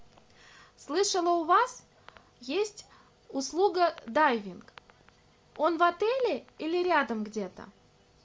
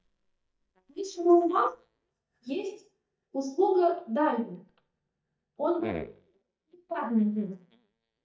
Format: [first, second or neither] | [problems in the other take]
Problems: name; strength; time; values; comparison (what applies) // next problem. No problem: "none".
first | noise reduction (neural mask model DeepFilterNet 3)